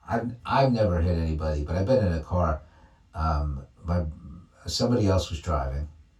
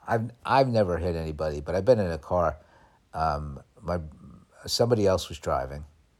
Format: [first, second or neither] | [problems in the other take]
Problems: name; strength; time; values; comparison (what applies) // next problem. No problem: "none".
second | room echo; slight; dies away in 0.2 s // off-mic speech; far